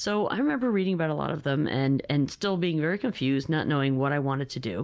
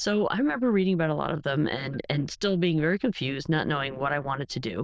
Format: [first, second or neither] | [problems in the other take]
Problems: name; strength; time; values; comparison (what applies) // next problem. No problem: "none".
first | noise reduction (neural diffusion model UNIVERSE++)